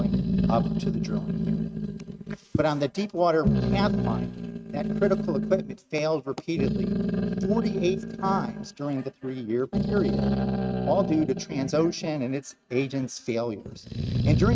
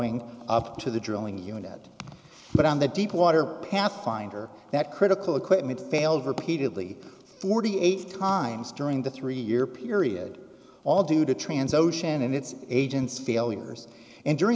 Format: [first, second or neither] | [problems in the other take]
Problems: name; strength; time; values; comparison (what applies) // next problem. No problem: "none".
second | noise reduction (neural mask model RNNoise)